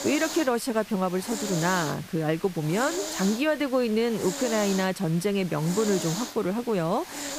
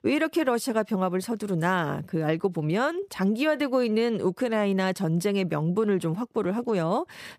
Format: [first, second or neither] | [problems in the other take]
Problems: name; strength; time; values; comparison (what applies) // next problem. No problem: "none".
second | hiss; loud; throughout; 9 dB below the speech